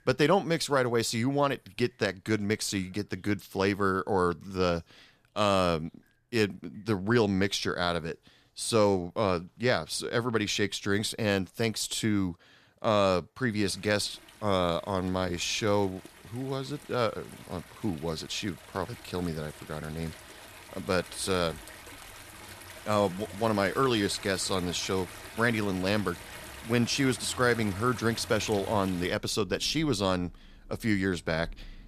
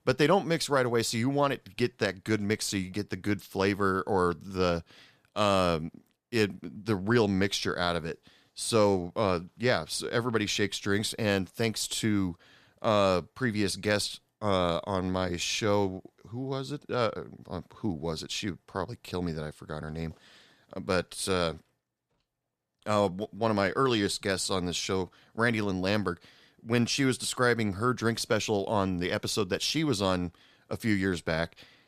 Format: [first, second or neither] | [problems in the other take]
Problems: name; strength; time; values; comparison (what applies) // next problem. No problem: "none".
second | rain or running water; noticeable; throughout; 15 dB below the speech